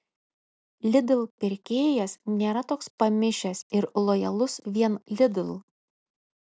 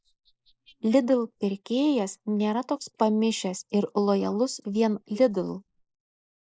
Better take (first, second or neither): first